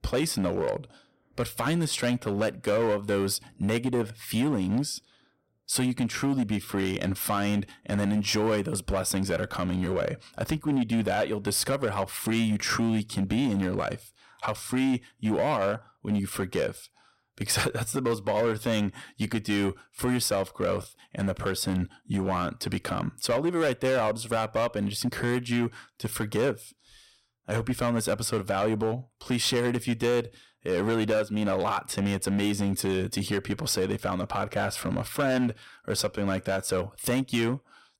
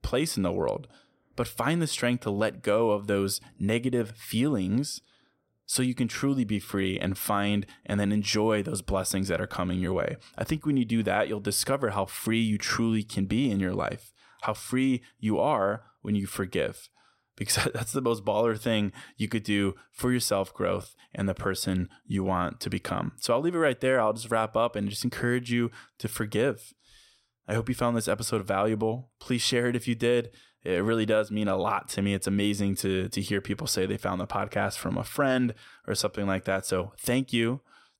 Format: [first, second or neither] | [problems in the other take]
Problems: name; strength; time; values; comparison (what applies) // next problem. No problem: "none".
second | distortion; slight; 8% of the sound clipped